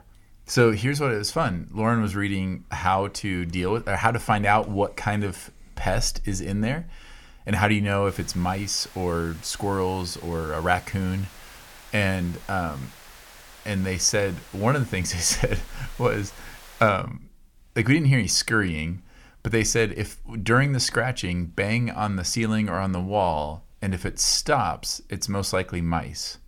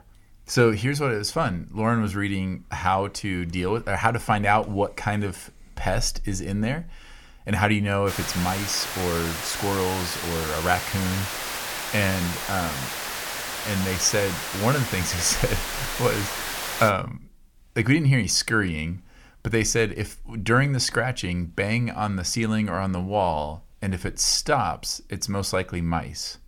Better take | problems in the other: first | hiss; loud; from 8 to 17 s; 5 dB below the speech; faint in the first

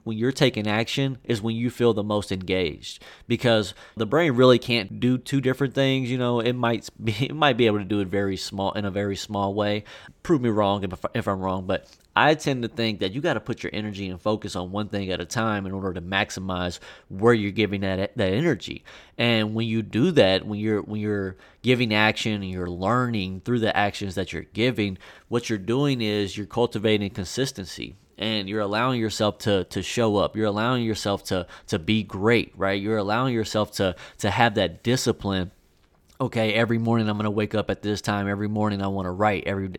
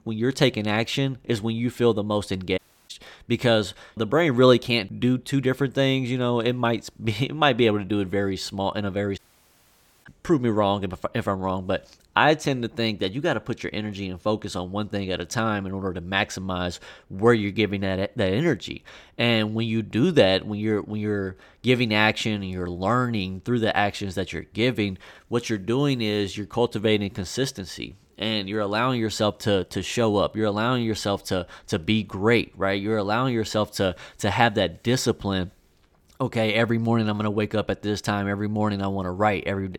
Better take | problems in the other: first | audio cutting out; at 2.5 s and at 9 s for 1 s

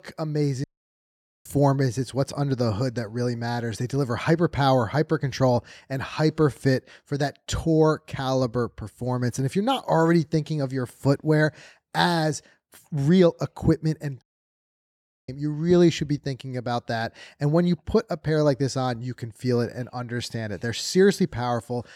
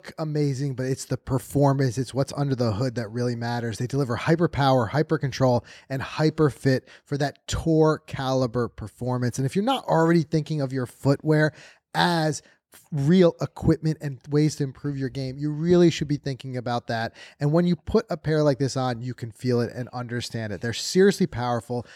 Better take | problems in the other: second | audio cutting out; at 0.5 s for 1 s and at 14 s for 1 s

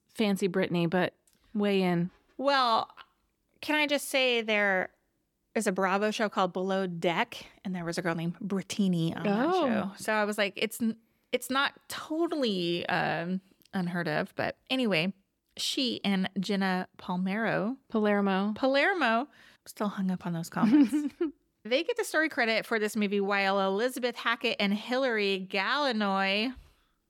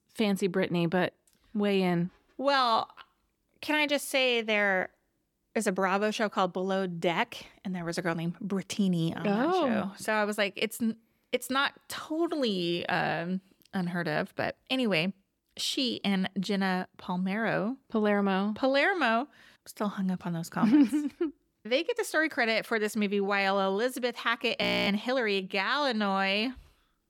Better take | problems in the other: first | audio freezing; at 25 s

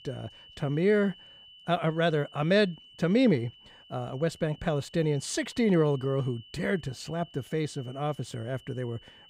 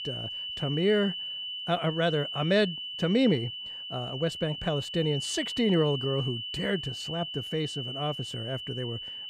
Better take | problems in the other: first | high-pitched whine; loud; throughout; 3 kHz, 5 dB below the speech; faint in the first

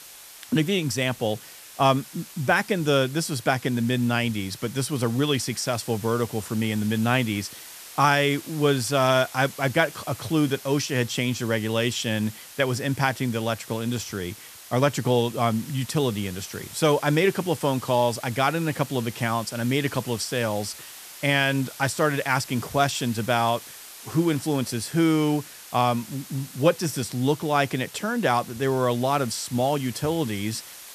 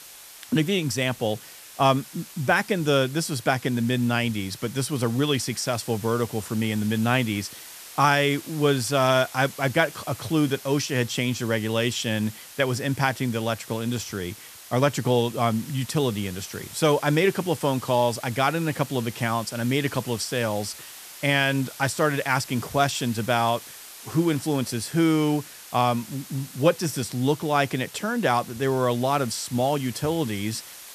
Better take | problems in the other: neither | hiss; noticeable; throughout; 15 dB below the speech; the same in both

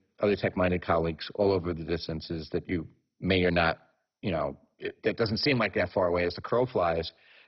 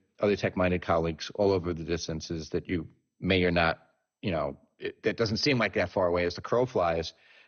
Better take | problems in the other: second | garbled, watery; badly; nothing above 5.5 kHz; slightly in the second

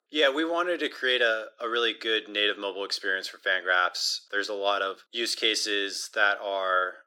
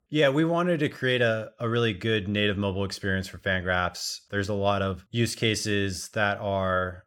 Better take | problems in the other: second | thin; very; fading below 300 Hz

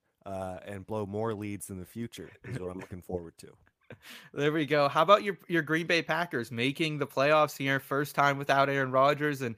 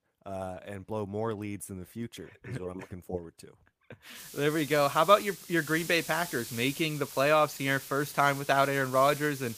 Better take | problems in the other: first | hiss; noticeable; from 4 s on; 15 dB below the speech

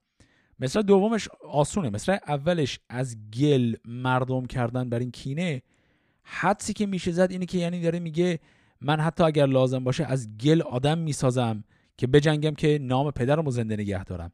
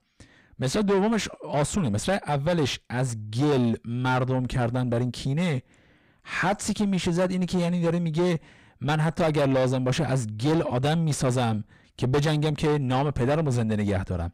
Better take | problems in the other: first | distortion; heavy; 5 dB below the speech

